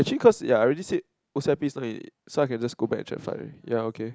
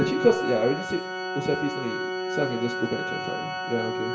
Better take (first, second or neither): first